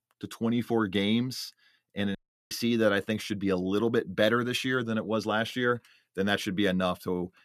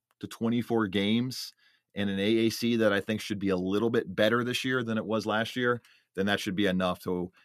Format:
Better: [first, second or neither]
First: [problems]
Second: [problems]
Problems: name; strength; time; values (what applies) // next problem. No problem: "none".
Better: second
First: audio cutting out; at 2 s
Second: none